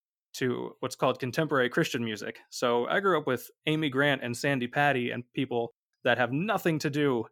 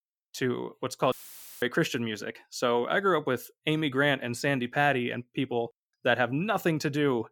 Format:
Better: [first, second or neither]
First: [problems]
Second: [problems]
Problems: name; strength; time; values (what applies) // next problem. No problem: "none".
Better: first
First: none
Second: audio cutting out; filled with static; at 1 s for 0.5 s